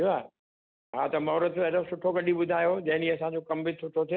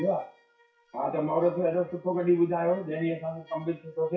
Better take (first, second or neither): first